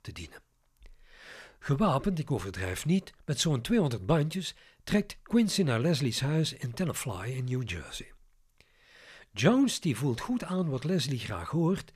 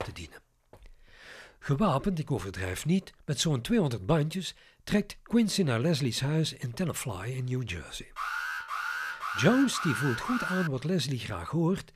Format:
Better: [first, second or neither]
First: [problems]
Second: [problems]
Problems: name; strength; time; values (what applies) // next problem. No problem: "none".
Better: first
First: none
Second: door banging; faint; at the start; peak 15 dB below the speech // alarm; noticeable; from 8 to 11 s; peak 3 dB below the speech